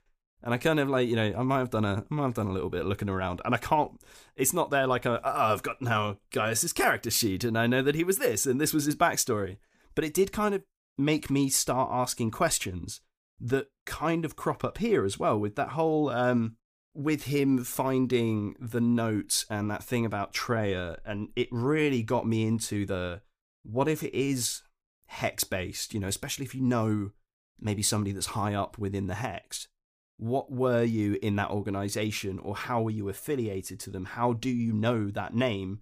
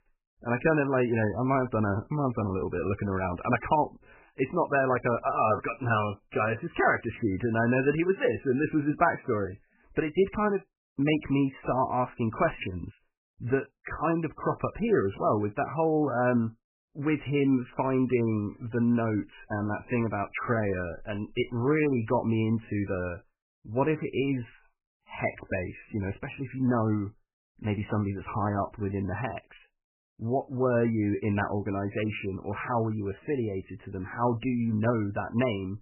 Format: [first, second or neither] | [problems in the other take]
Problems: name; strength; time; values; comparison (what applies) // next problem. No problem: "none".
first | garbled, watery; badly; nothing above 3 kHz